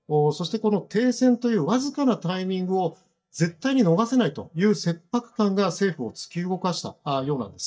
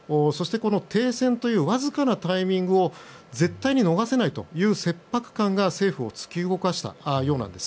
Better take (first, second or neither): second